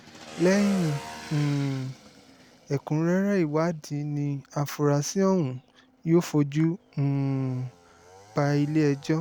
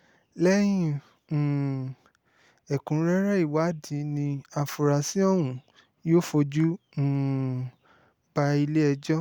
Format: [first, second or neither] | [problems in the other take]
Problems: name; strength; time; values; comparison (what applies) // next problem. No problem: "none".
second | background sound (Motorcycle / Engine); 19 dB below the speech